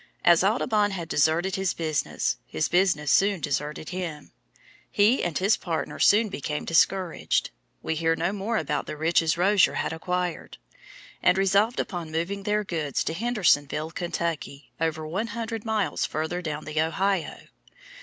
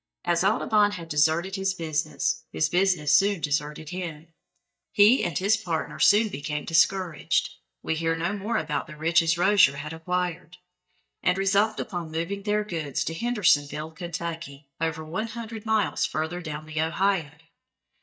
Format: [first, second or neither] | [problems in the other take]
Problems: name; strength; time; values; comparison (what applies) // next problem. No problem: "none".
first | noise reduction (neural mask model DeepFilterNet 3)